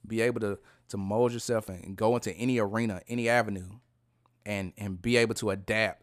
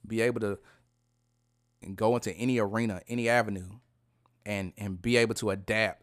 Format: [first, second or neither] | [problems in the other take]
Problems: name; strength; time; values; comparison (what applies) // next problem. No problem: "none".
first | audio freezing; at 1 s for 1 s